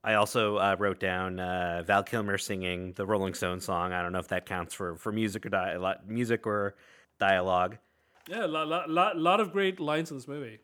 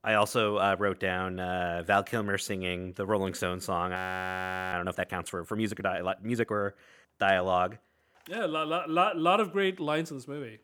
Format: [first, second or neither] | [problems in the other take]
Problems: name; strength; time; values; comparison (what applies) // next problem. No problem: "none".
first | audio freezing; at 4 s for 1 s